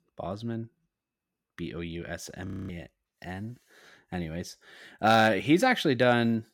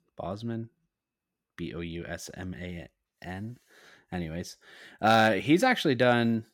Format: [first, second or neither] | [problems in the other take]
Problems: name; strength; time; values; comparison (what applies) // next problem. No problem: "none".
second | audio freezing; at 2.5 s